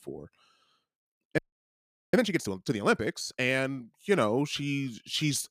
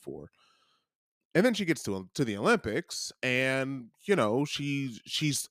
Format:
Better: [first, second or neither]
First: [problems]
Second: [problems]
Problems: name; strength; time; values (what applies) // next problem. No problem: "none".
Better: second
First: audio freezing; at 1.5 s for 1 s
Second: none